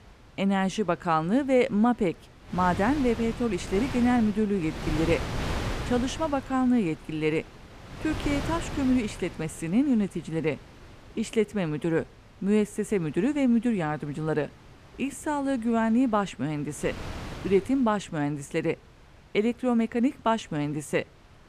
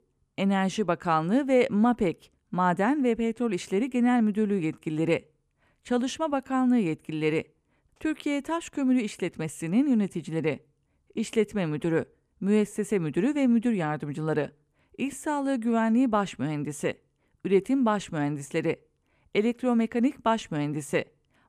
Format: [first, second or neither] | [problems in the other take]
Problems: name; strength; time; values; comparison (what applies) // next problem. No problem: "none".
second | wind noise on the microphone; occasional gusts; 10 dB below the speech